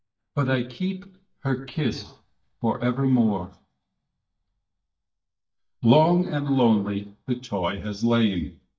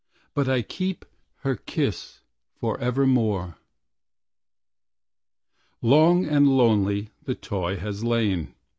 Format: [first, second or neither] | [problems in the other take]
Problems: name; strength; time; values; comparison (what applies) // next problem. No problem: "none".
second | noise reduction (neural mask model DeepFilterNet 3)